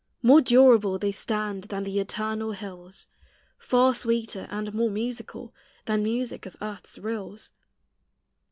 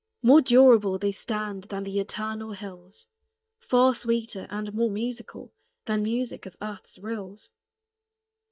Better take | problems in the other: first | noise reduction (neural mask model DeepFilterNet 3)

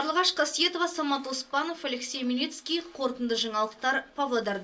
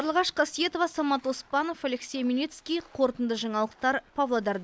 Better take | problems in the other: second | room echo; dies away in 0.2 s

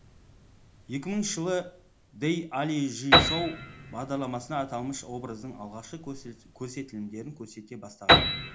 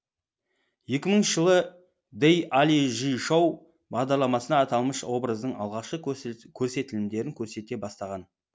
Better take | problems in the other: second | background sound (Piano); 3 dB above the speech // room echo; dies away in 0.4 s

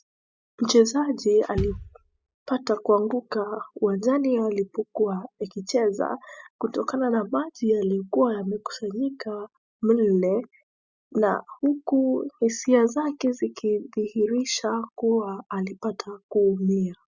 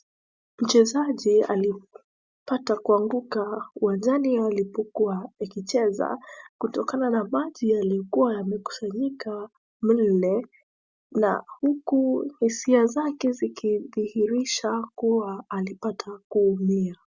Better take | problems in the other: second | noise reduction (classical method spectral subtraction)

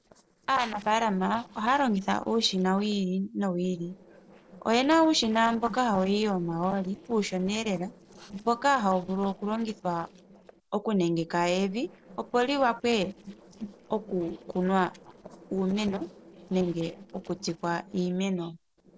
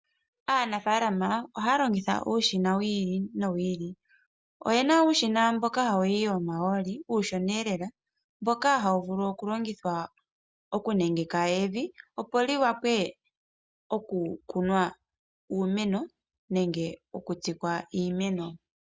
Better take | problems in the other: second | noise reduction (neural separator model SepFormer DNS4)

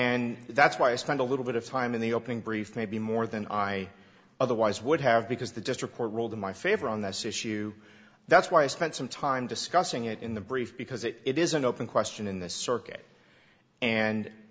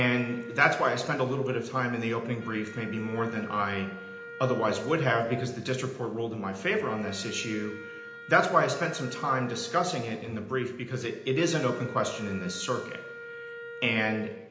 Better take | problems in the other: first | background sound (Wind instrument, woodwind instrument); 15 dB below the speech // room echo; dies away in 0.9 s

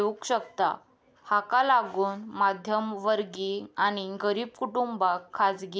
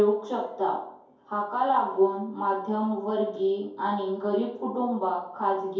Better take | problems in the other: first | room echo; dies away in 2.4 s

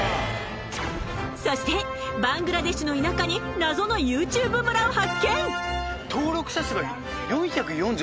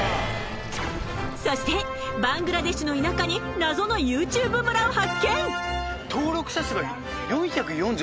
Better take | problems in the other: first | background sound (Sink (filling or washing)); 18 dB below the speech

